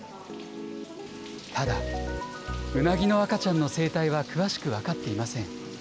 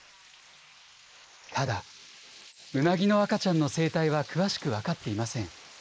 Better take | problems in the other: first | noise reduction (neural mask model Resemble Enhance denoiser)

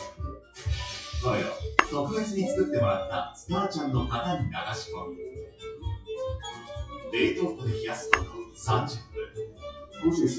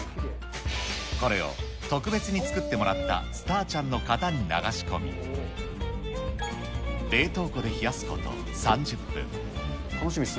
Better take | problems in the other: second | noise reduction (classical method WPE with log-MMSE)

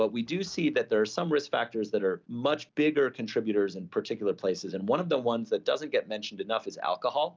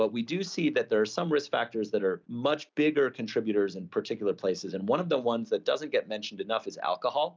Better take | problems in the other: first | noise reduction (neural mask model Resemble Enhance denoiser)

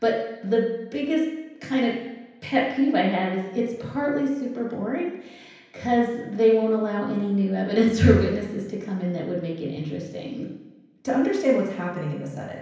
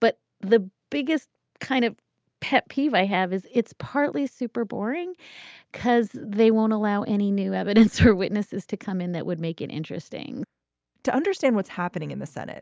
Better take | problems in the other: second | room echo; dies away in 0.9 s

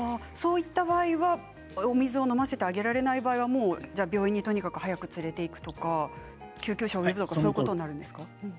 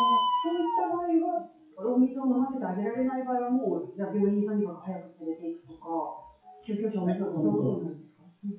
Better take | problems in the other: first | noise reduction (classical method WPE with log-MMSE)

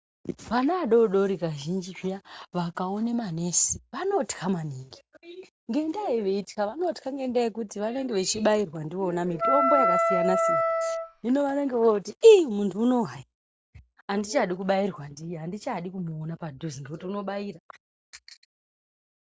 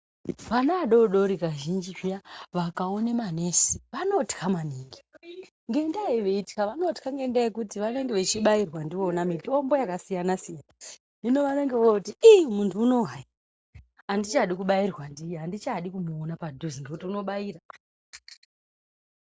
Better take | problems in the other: second | background sound (Wind instrument, woodwind instrument); 3 dB above the speech

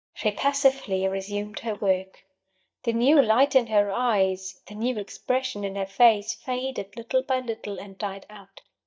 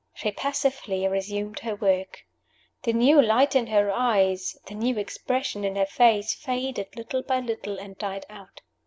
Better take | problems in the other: second | noise reduction (neural mask model DeepFilterNet 3)

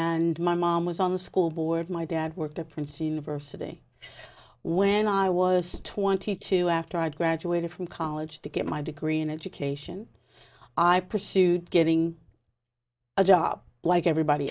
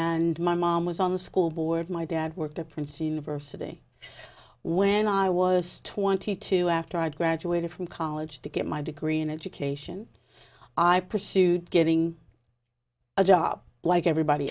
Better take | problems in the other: second | noise reduction (neural mask model Resemble Enhance denoiser)

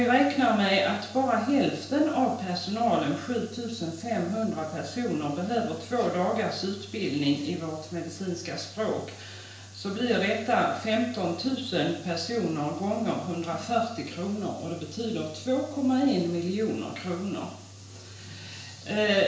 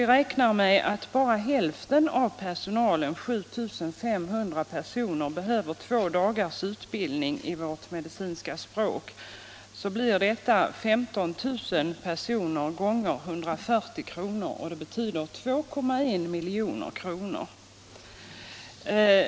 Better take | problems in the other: second | room echo; dies away in 0.5 s

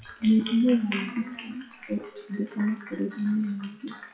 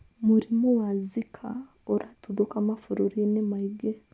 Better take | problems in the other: second | noise reduction (classical method WPE with log-MMSE)

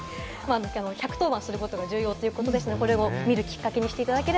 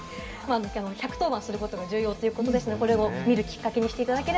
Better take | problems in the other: first | room echo; dies away in 1.9 s

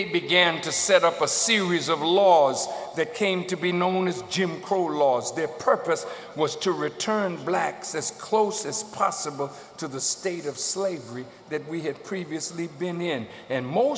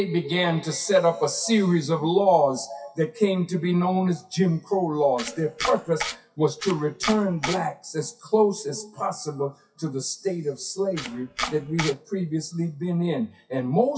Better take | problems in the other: first | noise reduction (classical method WPE with log-MMSE)

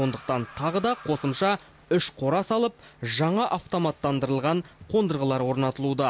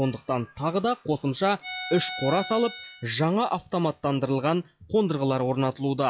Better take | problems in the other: first | noise reduction (classical method log-MMSE)

